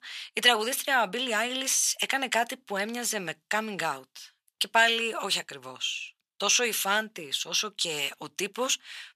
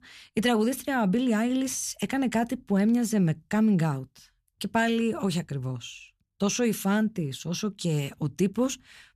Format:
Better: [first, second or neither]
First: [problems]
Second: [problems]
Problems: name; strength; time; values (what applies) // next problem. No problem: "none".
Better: second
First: thin; very; fading below 750 Hz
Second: none